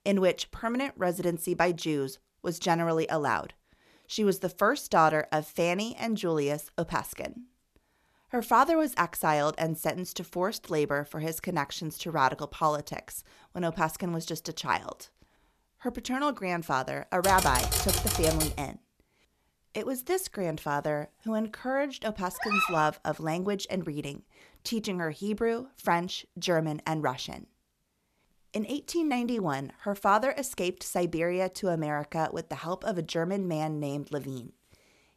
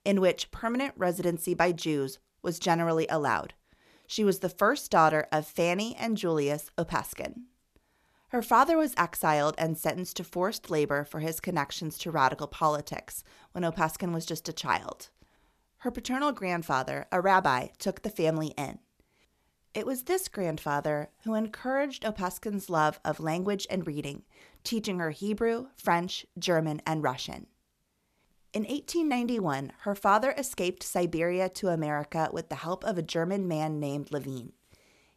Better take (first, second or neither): second